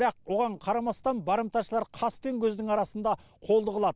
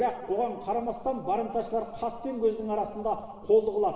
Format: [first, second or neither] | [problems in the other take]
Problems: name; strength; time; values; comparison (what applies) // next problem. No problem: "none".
first | room echo; dies away in 1.8 s